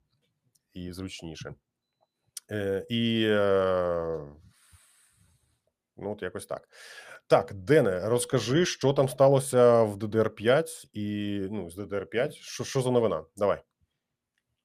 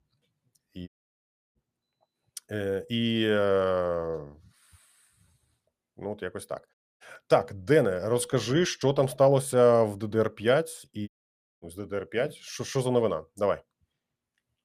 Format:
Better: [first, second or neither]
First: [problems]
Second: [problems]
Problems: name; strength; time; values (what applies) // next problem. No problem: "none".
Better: first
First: none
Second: audio cutting out; at 1 s for 0.5 s, at 6.5 s and at 11 s for 0.5 s